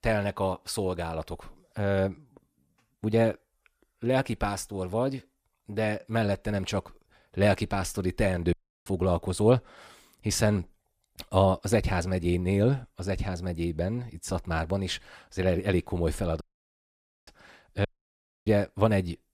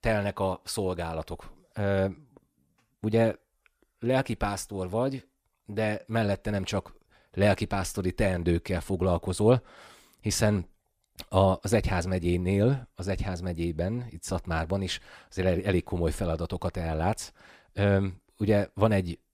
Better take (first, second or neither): second